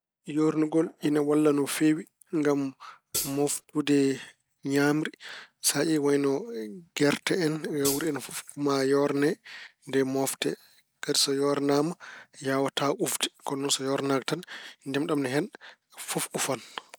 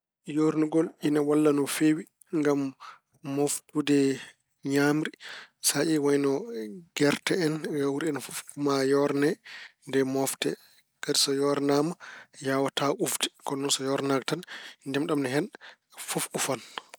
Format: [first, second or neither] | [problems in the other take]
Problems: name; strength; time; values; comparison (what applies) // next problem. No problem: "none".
second | background sound (Hi-hat); 6 dB below the speech